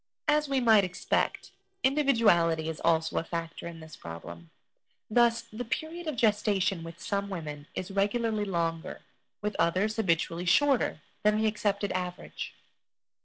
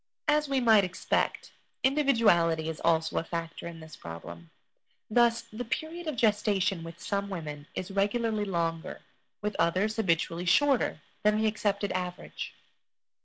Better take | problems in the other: second | noise reduction (neural separator model SepFormer DNS4)

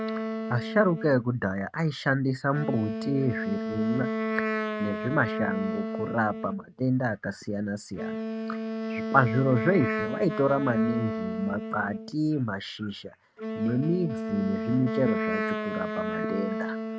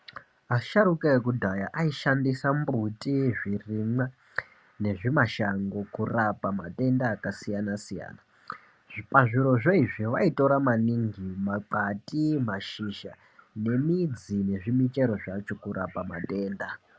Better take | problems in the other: second | noise reduction (neural mask model RNNoise)

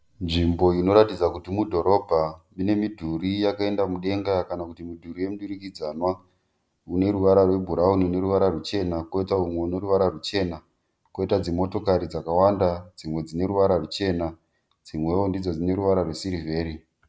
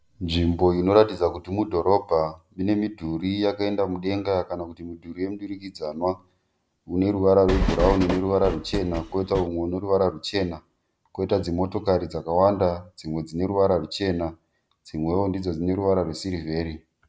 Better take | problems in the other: first | background sound (Train); 3 dB below the speech

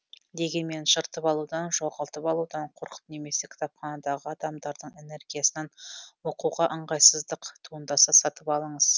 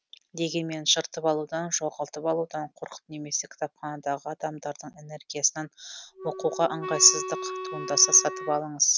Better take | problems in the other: first | background sound (Wind instrument, woodwind instrument); 8 dB below the speech

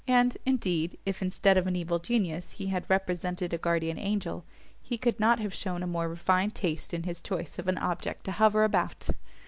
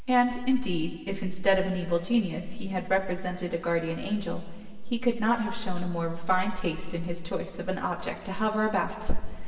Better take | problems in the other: first | room echo; dies away in 2 s

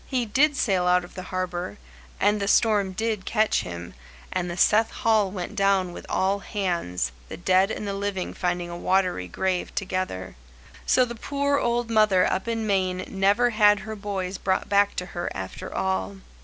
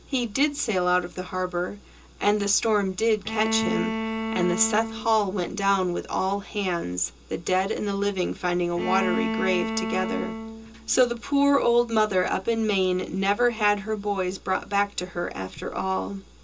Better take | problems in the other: first | background sound (Bowed string instrument); 4 dB below the speech // room echo; dies away in 0.2 s

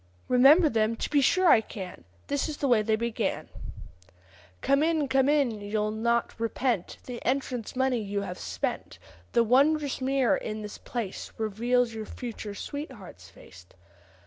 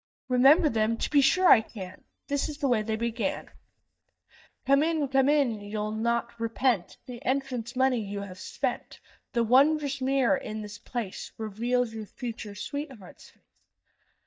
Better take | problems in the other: first | noise reduction (neural mask model DeepFilterNet 3)

